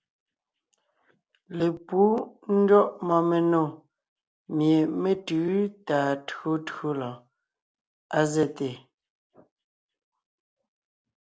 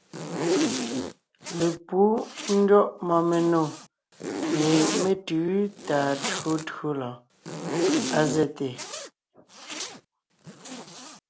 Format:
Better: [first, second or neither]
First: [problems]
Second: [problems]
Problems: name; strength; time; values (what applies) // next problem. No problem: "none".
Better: first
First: none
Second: background sound (Zipper (clothing)); 5 dB below the speech